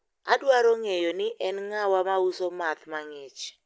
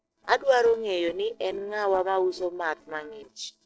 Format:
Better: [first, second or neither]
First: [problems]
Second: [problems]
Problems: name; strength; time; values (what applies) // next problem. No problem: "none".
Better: first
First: none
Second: noise reduction (neural separator model SepFormer DNS4)